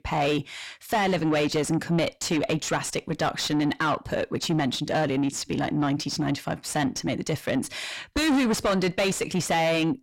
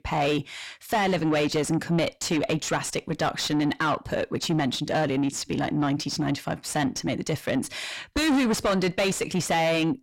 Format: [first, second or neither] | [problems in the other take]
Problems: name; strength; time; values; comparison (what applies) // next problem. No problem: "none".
neither | distortion; heavy; 6 dB below the speech; the same in both